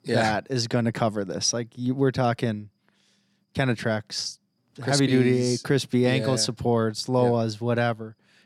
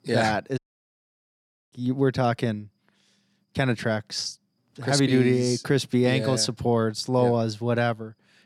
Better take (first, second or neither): first